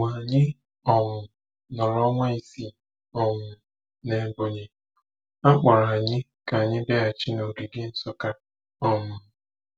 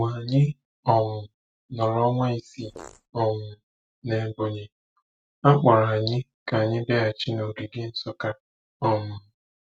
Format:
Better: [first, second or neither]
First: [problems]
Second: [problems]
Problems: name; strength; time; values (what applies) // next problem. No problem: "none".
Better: first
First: none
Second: noise reduction (neural mask model RNNoise)